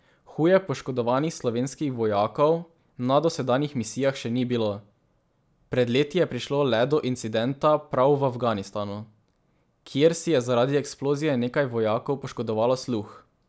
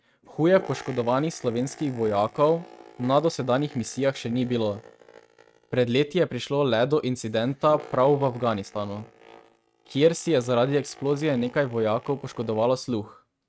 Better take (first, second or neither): first